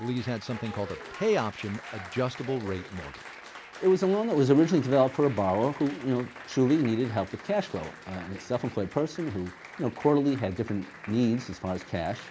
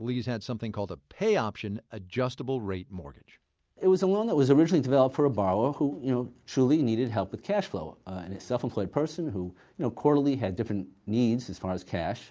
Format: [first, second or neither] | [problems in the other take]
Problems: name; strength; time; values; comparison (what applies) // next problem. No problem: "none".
second | background sound (Applause); 17 dB below the speech